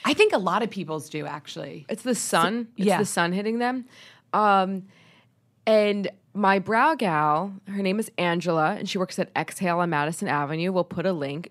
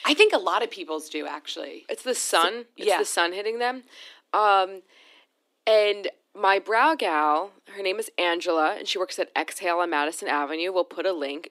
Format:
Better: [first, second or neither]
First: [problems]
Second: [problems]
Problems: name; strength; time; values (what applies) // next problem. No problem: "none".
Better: first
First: none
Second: thin; somewhat; fading below 300 Hz